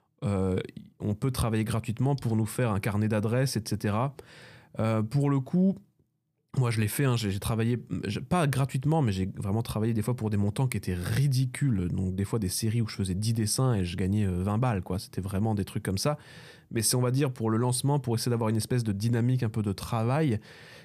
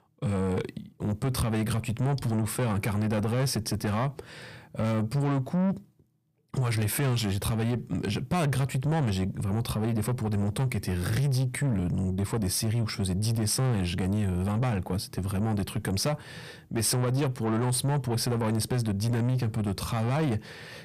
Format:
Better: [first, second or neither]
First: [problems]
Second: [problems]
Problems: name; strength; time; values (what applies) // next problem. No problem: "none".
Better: first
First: none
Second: distortion; slight; 9 dB below the speech